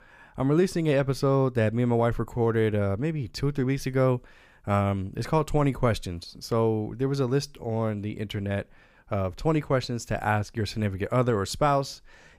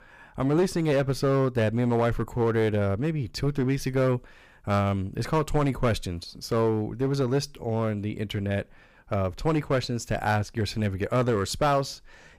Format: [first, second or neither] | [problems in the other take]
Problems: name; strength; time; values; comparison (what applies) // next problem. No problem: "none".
first | distortion; slight; 6% of the sound clipped